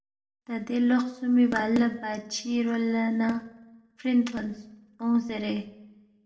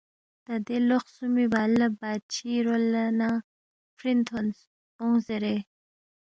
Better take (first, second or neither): second